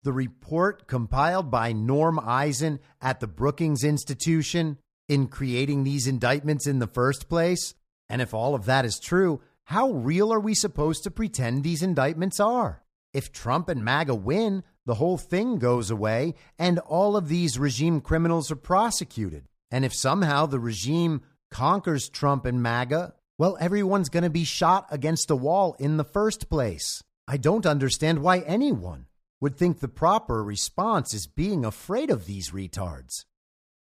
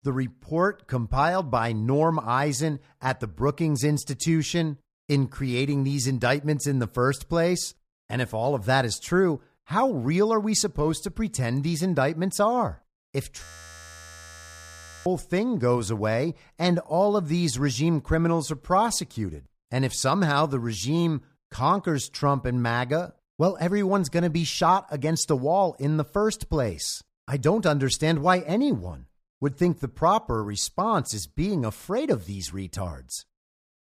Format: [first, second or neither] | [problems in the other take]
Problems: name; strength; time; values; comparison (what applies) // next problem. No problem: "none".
first | audio freezing; at 13 s for 1.5 s